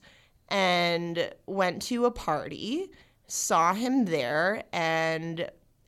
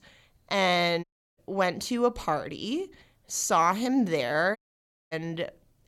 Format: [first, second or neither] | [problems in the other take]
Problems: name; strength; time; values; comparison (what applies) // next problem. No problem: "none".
first | audio cutting out; at 1 s and at 4.5 s for 0.5 s